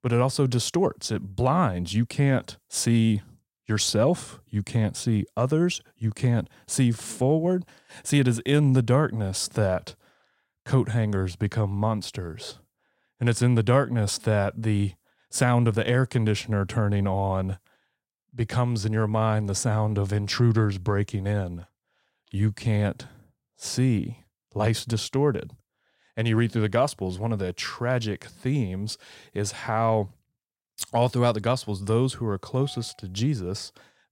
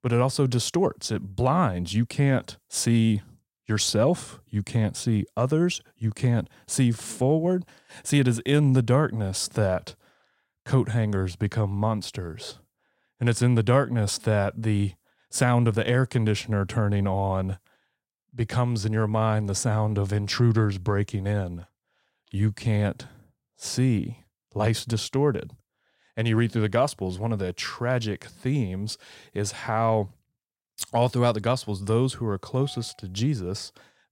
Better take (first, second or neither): neither